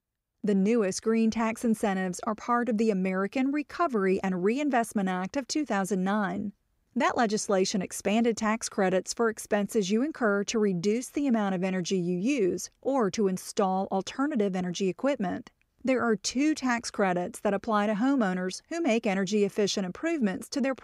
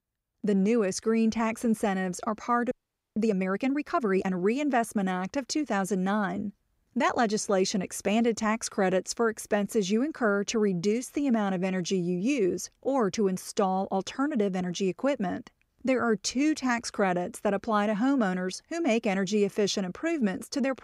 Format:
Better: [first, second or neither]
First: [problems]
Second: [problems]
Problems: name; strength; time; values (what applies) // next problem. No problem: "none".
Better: first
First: none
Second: audio freezing; at 2.5 s